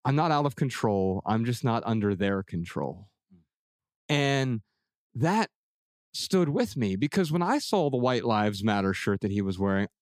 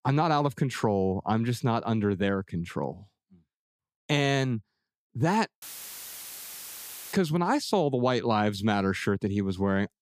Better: first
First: none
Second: audio cutting out; filled with static; at 5.5 s for 1.5 s

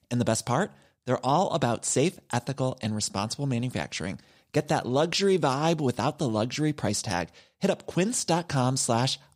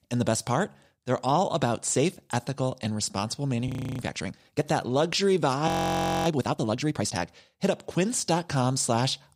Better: first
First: none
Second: audio freezing; at 3.5 s and at 5.5 s for 0.5 s

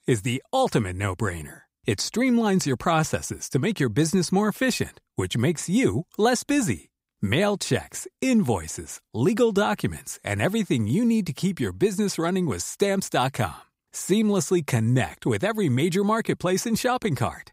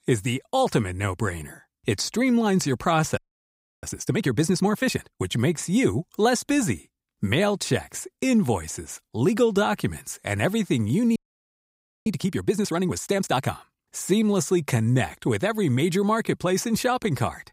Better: first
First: none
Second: audio freezing; at 3 s for 0.5 s and at 11 s for 1 s

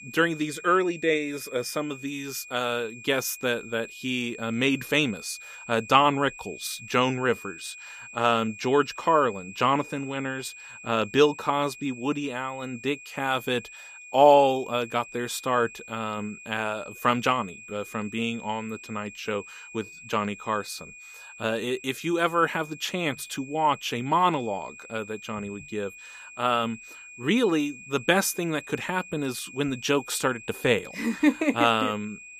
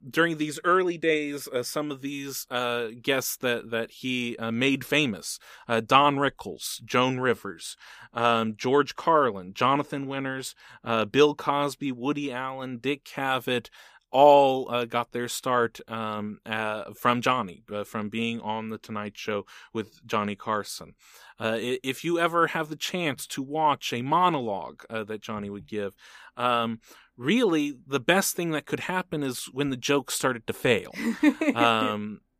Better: second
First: high-pitched whine; noticeable; throughout; 2.5 kHz, 15 dB below the speech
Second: none

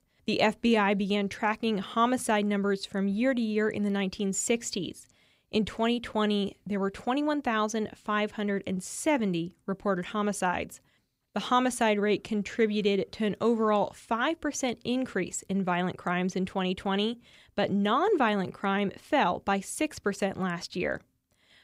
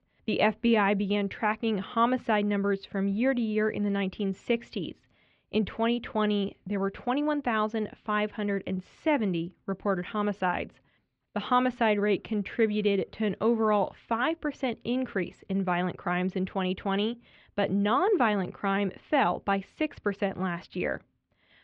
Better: first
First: none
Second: muffled; very; fading above 3 kHz

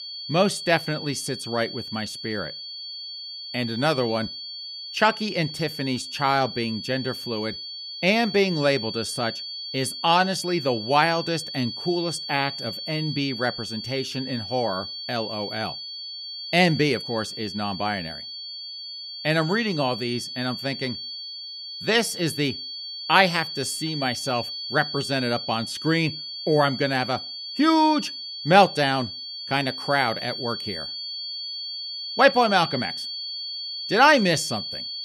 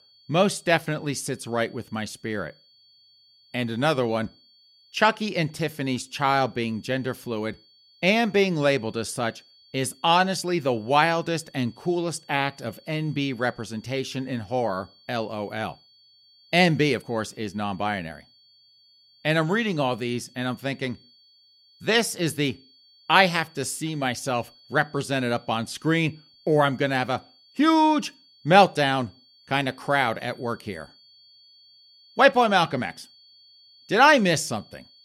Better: second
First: high-pitched whine; loud; throughout; 4.5 kHz, 8 dB below the speech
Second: high-pitched whine; faint; throughout; 4.5 kHz, 30 dB below the speech

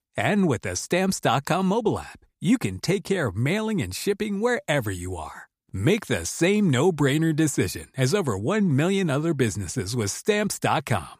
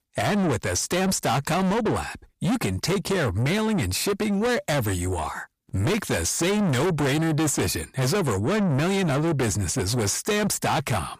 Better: first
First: none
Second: distortion; heavy; 6 dB below the speech

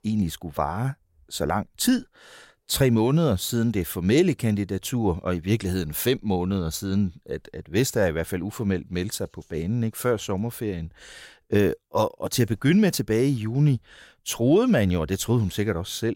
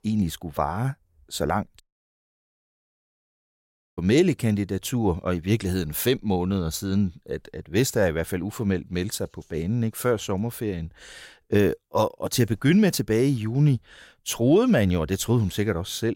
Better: first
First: none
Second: audio cutting out; at 2 s for 2 s

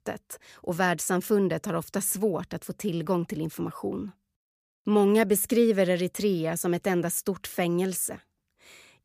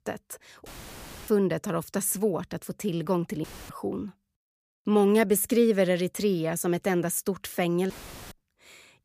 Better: first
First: none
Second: audio cutting out; filled with static; at 0.5 s for 0.5 s, at 3.5 s and at 8 s

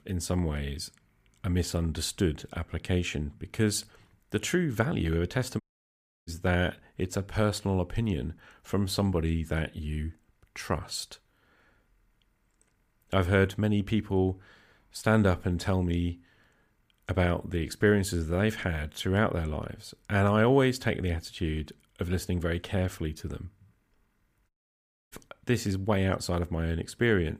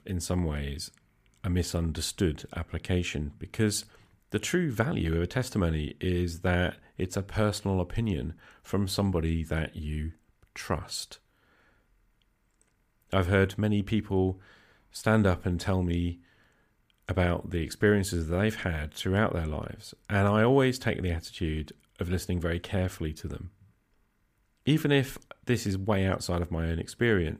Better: second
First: audio cutting out; at 5.5 s for 0.5 s and at 25 s for 0.5 s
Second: none

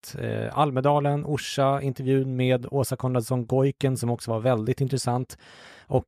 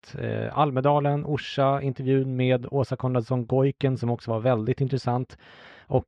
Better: first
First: none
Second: muffled; slightly; fading above 4 kHz

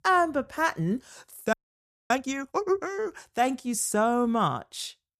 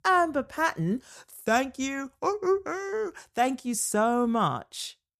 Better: second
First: audio freezing; at 1.5 s for 0.5 s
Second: none

